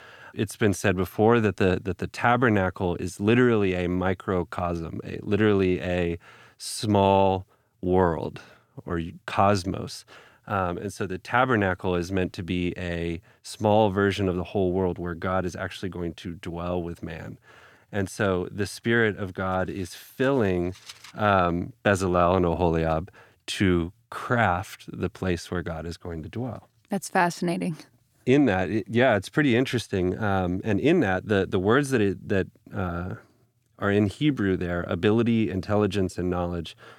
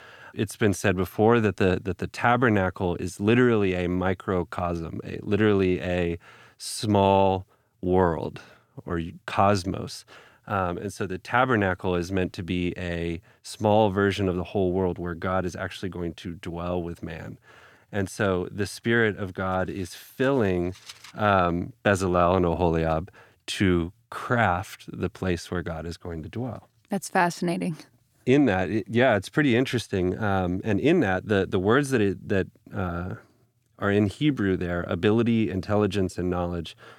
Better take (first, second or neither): neither